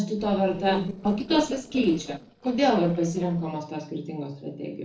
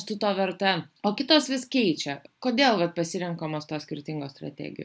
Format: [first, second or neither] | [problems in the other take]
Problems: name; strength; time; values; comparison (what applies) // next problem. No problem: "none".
second | noise reduction (neural separator model SepFormer DNS4)